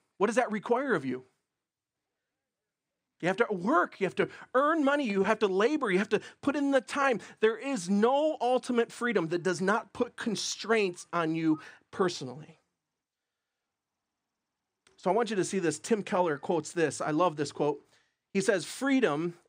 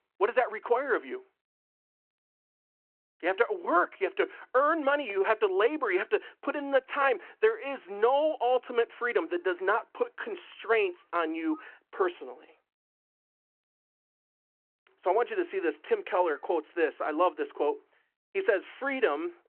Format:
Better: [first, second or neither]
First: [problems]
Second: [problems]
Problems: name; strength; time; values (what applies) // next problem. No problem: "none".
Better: first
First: none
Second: phone-call audio